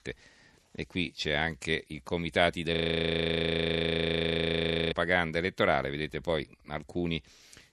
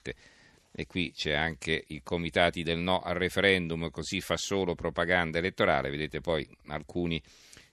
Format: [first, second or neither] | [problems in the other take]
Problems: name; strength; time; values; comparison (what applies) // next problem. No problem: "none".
second | audio freezing; at 3 s for 2 s